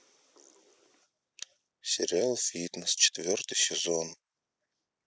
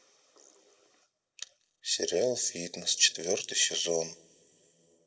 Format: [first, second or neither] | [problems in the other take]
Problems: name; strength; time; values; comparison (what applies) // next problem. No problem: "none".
first | room echo; dies away in 1.6 s